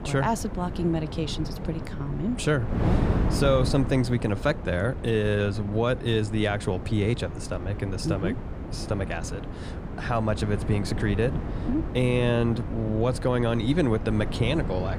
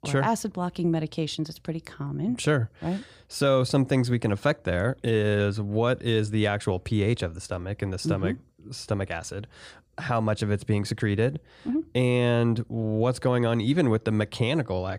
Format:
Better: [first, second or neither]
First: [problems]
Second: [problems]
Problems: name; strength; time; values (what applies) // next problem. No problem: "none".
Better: second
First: wind noise on the microphone; heavy; 10 dB below the speech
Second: none